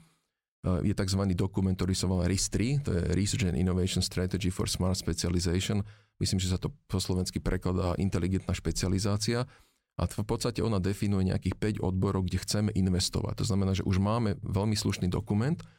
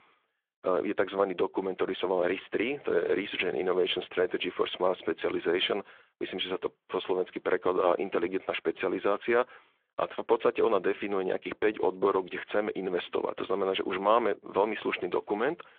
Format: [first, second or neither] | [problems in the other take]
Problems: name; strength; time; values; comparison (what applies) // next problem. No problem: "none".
first | phone-call audio